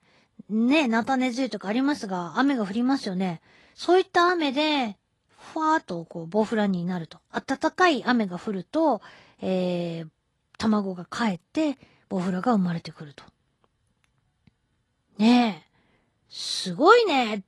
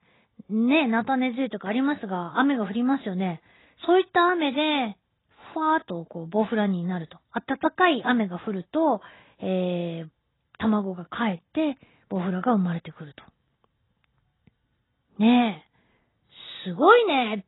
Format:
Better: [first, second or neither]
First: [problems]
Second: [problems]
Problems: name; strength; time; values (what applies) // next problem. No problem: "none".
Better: first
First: garbled, watery; slightly; nothing above 11 kHz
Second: garbled, watery; badly; nothing above 4 kHz